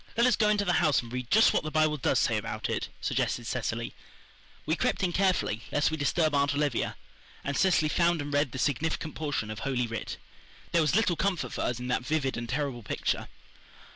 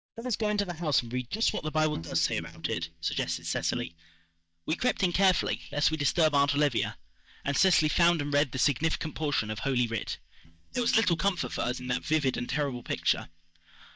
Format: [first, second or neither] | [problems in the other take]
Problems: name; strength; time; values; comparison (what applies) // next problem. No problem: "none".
first | noise reduction (neural mask model DeepFilterNet 3)